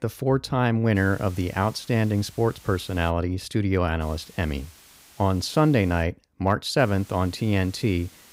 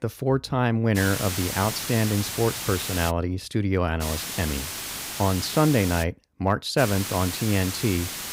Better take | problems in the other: first | hiss; loud; from 1 to 3 s, from 4 to 6 s and from 7 s on; 5 dB below the speech; faint in the first

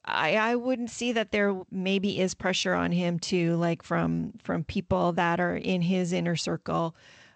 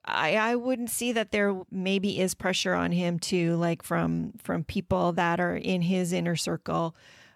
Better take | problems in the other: second | garbled, watery; slightly; nothing above 8 kHz

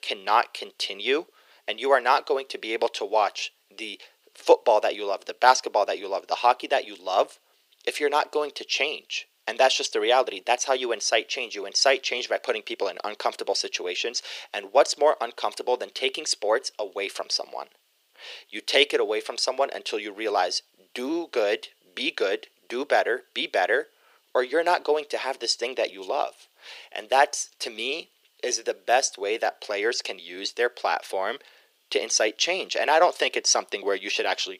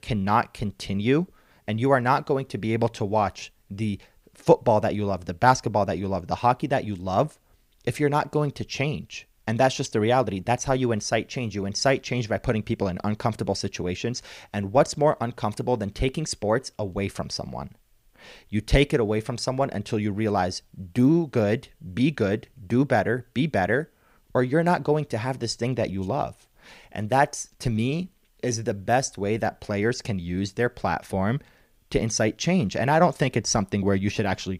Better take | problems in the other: second | thin; very; fading below 400 Hz

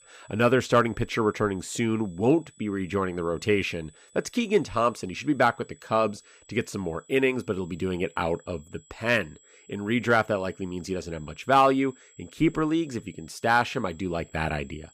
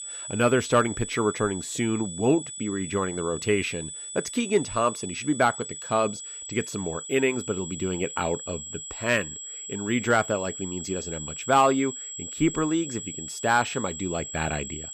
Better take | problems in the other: first | high-pitched whine; loud; throughout; 7.5 kHz, 8 dB below the speech; faint in the first

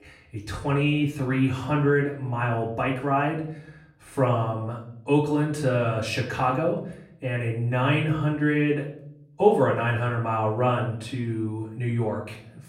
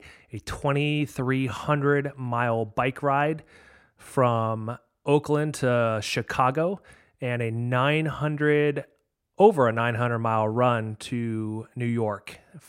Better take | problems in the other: second | off-mic speech; far // room echo; slight; dies away in 0.6 s

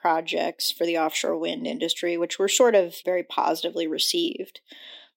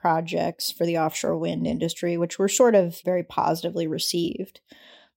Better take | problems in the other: second | thin; very slightly; fading below 300 Hz

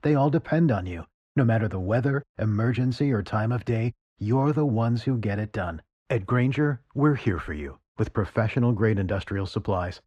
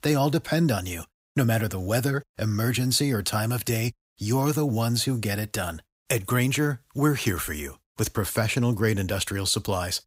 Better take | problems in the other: second | muffled; very; fading above 1.5 kHz

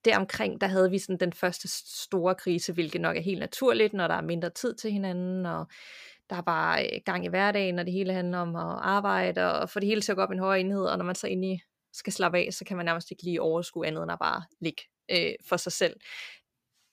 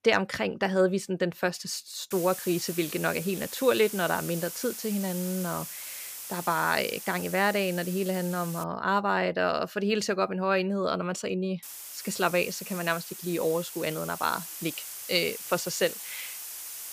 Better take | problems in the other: first | hiss; loud; from 2 to 8.5 s and from 12 s on; 9 dB below the speech

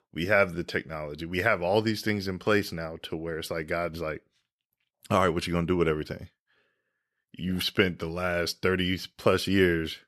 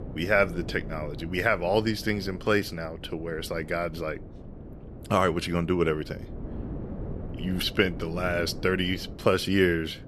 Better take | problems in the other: first | wind noise on the microphone; occasional gusts; 20 dB below the speech

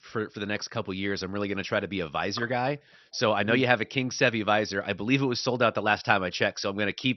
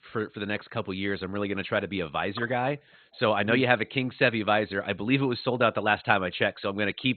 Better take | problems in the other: first | garbled, watery; badly; nothing above 4 kHz; slightly in the first

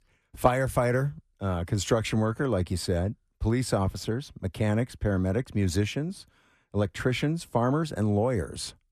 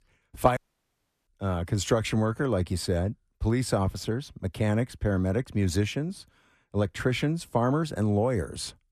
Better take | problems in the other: first | audio cutting out; at 0.5 s for 0.5 s

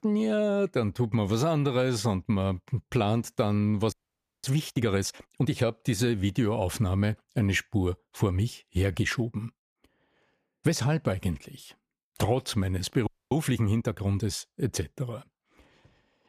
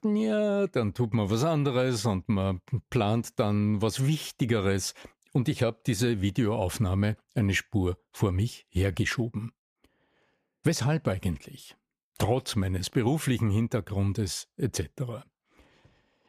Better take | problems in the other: second | audio freezing; at 4 s for 0.5 s and at 13 s

